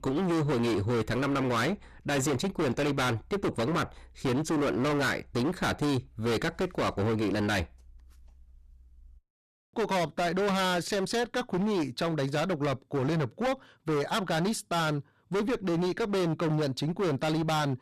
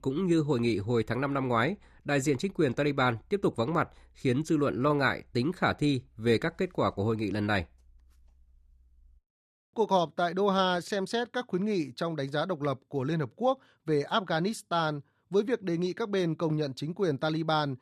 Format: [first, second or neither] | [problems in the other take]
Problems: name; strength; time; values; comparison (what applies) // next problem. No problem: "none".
second | distortion; heavy; 30% of the sound clipped